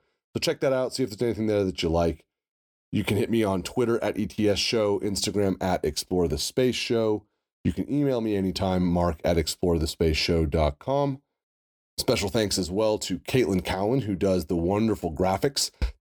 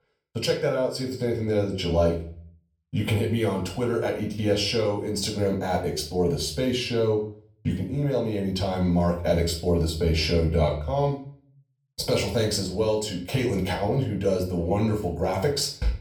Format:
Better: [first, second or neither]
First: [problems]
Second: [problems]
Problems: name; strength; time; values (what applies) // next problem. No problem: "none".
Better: first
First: none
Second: off-mic speech; far // room echo; slight; dies away in 0.4 s